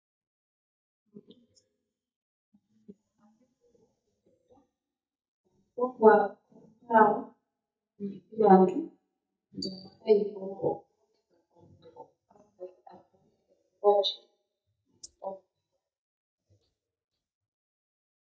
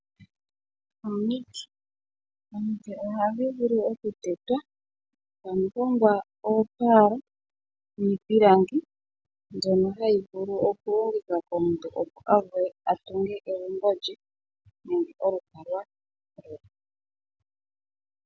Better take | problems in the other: second | noise reduction (neural mask model DeepFilterNet 3)

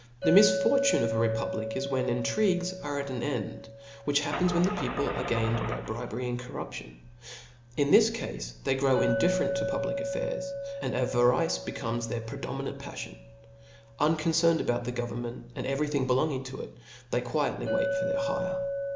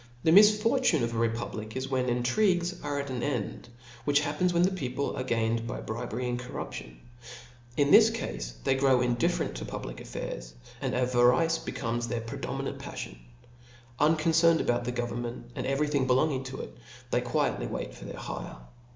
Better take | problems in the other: second | background sound (Chink, clink + Engine starting / Car); 6 dB below the speech

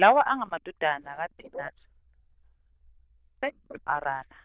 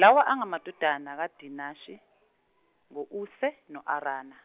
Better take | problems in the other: second | noise reduction (neural diffusion model UNIVERSE++)

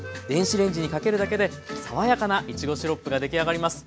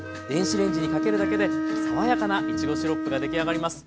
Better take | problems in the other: first | background sound (Bowed string instrument); 1 dB above the speech

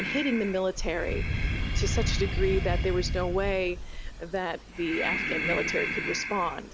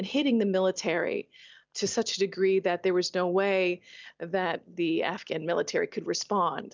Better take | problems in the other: second | background sound (Breathing); as loud as the speech

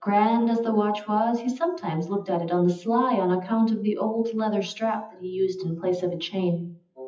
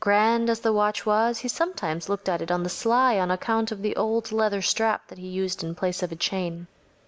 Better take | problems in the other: second | noise reduction (classical method WPE with log-MMSE)

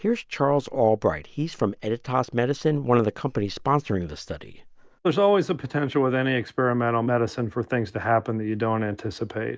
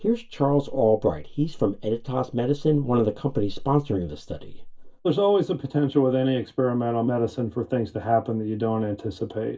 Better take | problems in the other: first | room echo; dies away in 0.2 s

